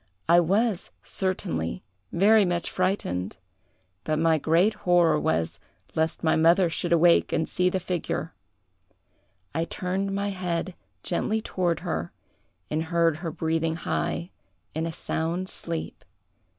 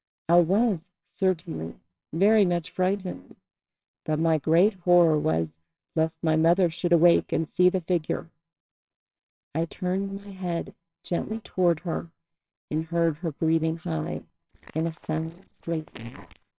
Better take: first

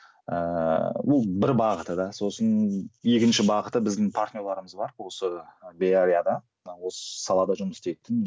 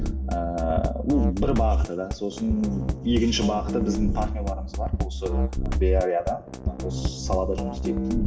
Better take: first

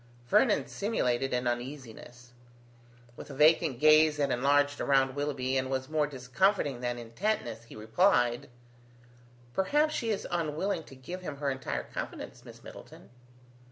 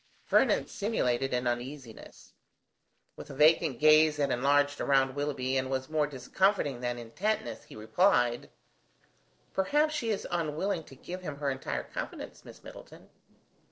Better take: first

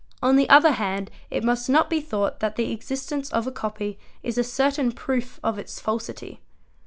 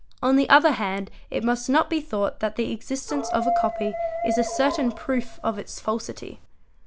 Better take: first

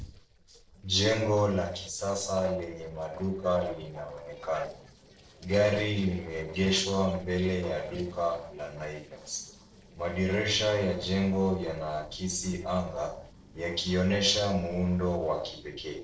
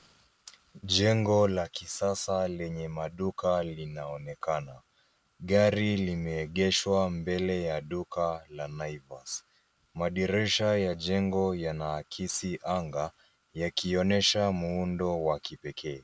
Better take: second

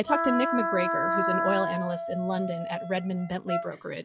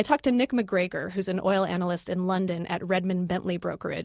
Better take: second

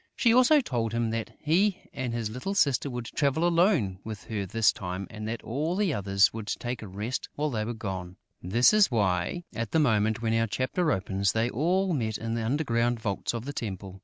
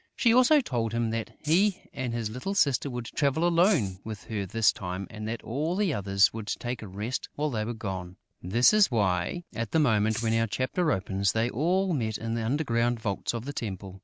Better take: first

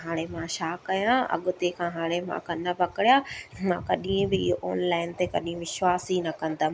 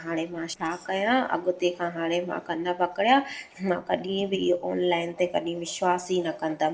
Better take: first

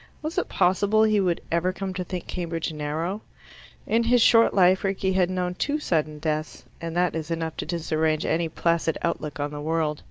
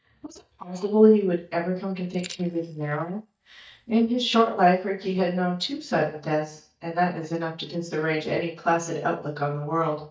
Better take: first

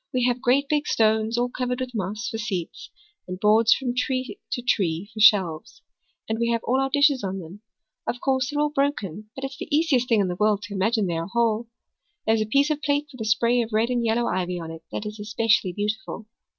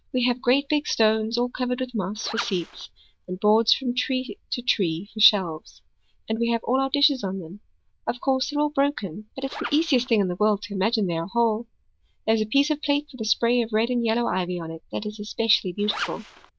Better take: first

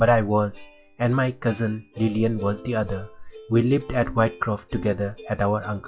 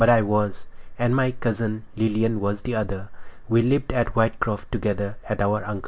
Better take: second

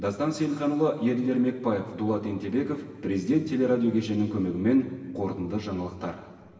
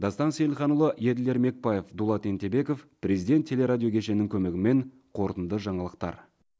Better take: second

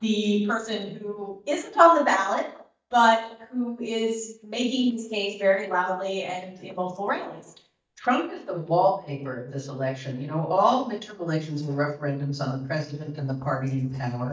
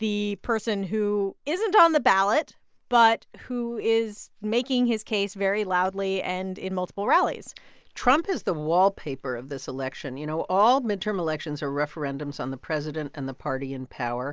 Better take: second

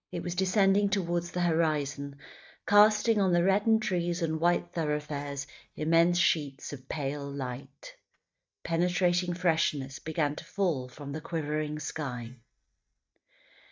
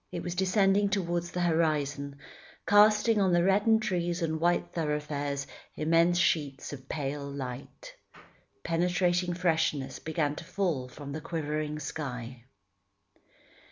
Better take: second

